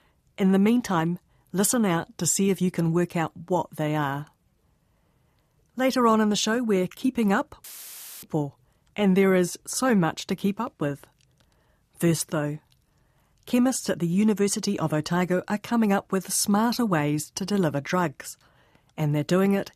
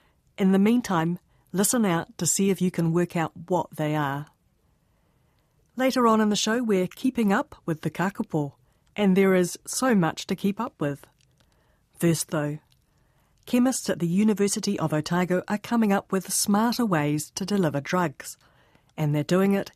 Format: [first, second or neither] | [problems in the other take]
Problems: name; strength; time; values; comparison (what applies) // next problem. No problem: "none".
second | audio cutting out; filled with static; at 7.5 s for 0.5 s